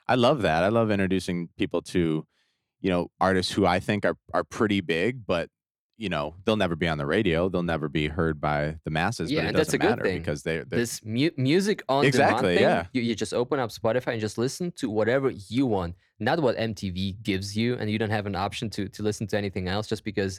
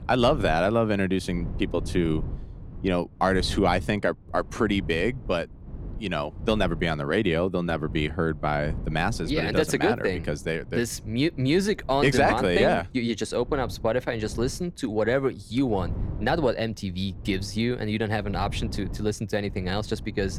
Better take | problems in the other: first | wind noise on the microphone; occasional gusts; 20 dB below the speech

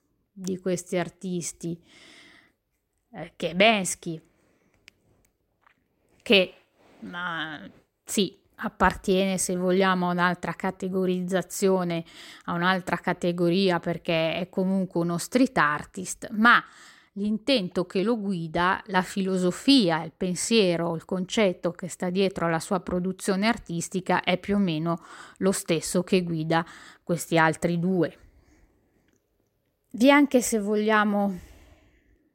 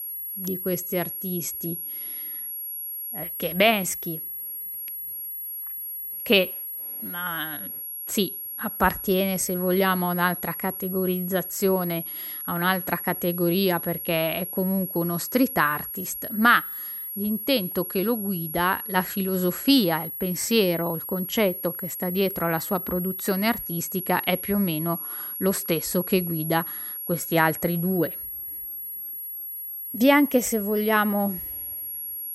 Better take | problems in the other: first | high-pitched whine; loud; throughout; 11.5 kHz, 6 dB below the speech

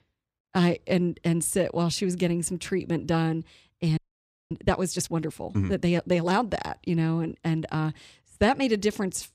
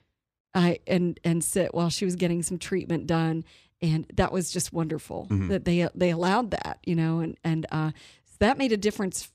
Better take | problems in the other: second | audio freezing; at 4 s for 0.5 s

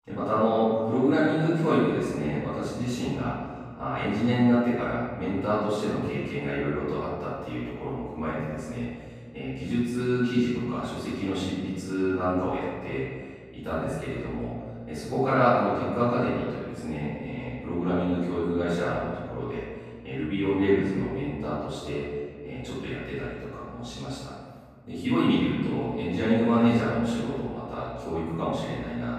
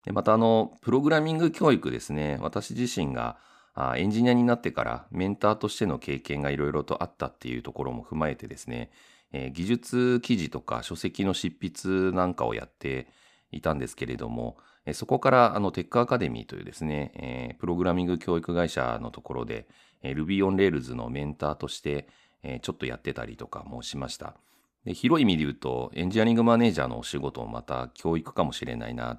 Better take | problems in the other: second | room echo; strong; dies away in 1.7 s // off-mic speech; far

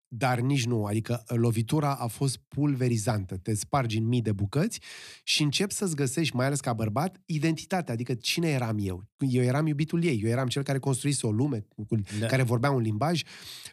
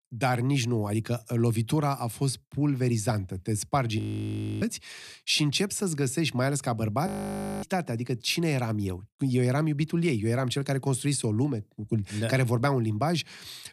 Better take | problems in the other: first | audio freezing; at 4 s for 0.5 s and at 7 s for 0.5 s

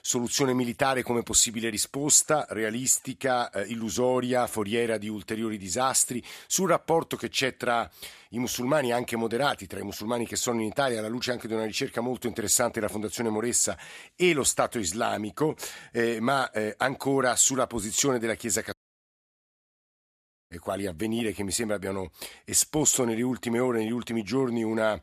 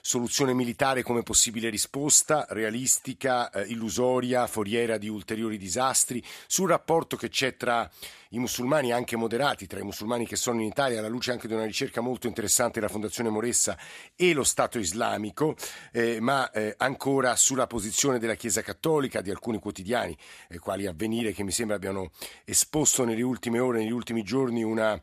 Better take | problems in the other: second | audio cutting out; at 19 s for 2 s

